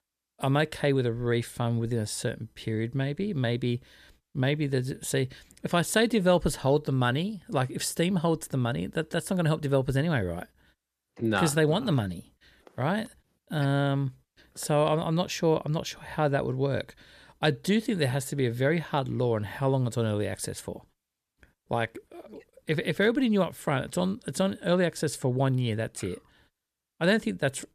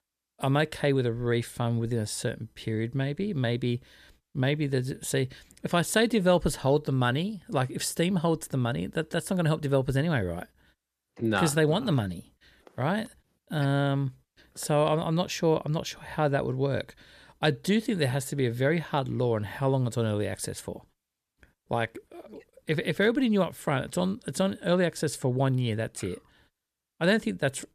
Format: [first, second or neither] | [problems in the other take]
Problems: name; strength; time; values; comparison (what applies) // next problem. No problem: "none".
neither | none